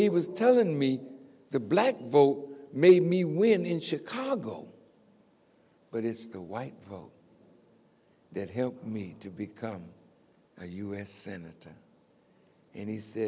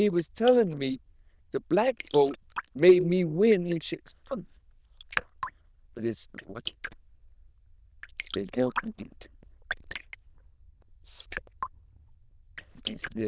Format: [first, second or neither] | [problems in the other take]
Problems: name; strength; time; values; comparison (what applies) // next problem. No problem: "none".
first | noise reduction (neural diffusion model UNIVERSE++)